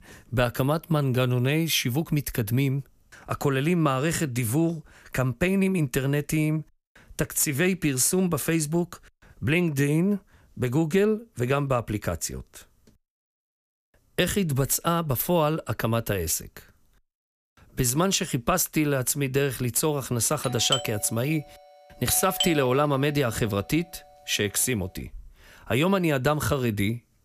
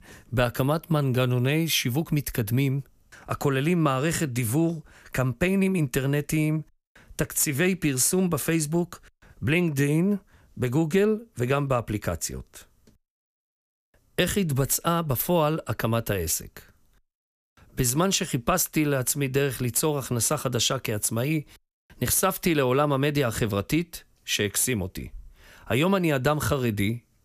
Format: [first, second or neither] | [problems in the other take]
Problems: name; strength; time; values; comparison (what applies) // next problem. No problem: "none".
second | doorbell; noticeable; from 20 to 23 s; peak 2 dB below the speech